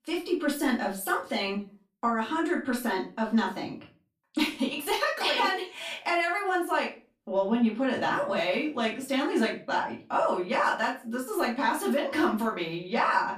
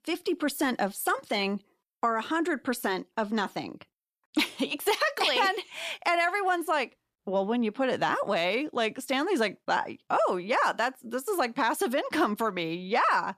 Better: second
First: off-mic speech; far // room echo; slight; dies away in 0.3 s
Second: none

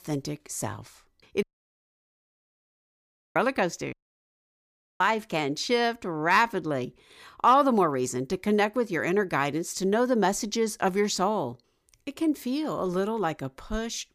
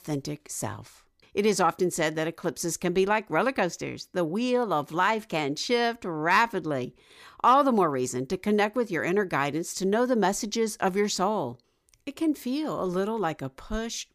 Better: second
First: audio cutting out; at 1.5 s for 2 s and at 4 s for 1 s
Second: none

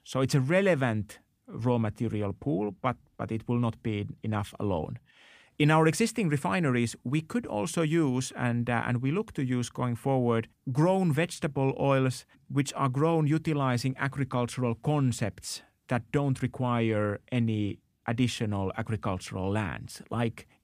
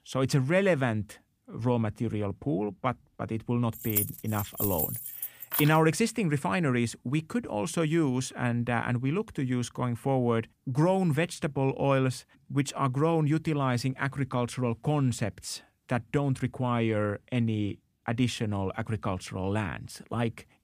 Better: first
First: none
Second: jangling keys; loud; from 4 to 5.5 s; peak level with the speech

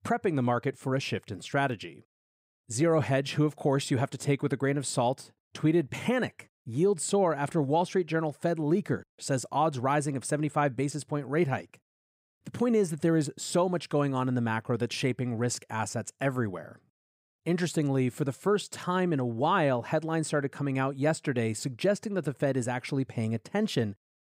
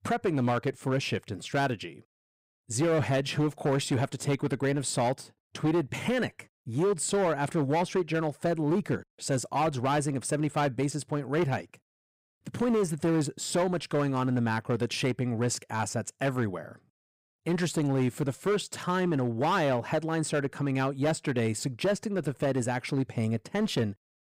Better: first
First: none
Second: distortion; slight; 9% of the sound clipped

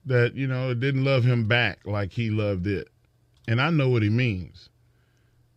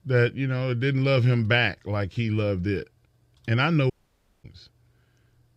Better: first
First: none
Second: audio cutting out; at 4 s for 0.5 s

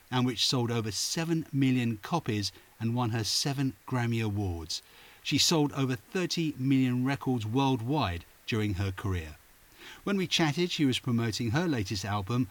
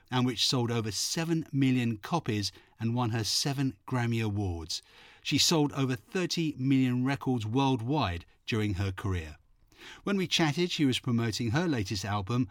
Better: second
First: hiss; faint; throughout; 30 dB below the speech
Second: none

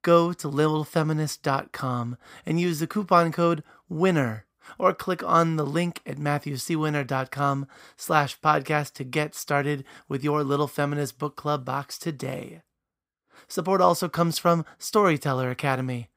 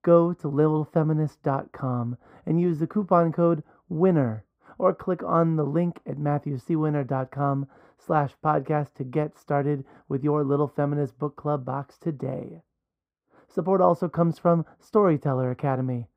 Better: first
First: none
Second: muffled; very; fading above 2 kHz

